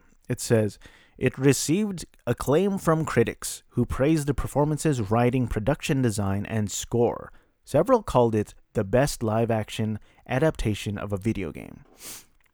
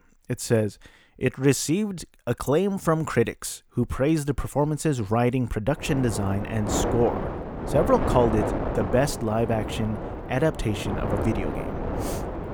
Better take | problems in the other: first | wind noise on the microphone; heavy; from 6 s on; 5 dB below the speech

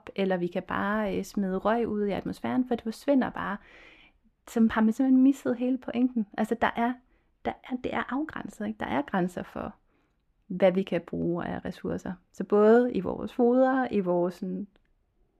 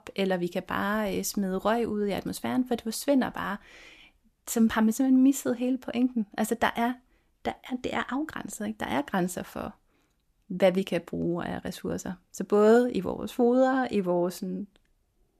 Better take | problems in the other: second | muffled; slightly; fading above 4 kHz

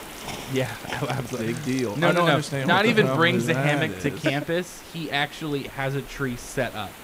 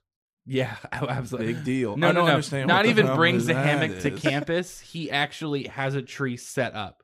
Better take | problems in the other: second | hiss; noticeable; throughout; 15 dB below the speech

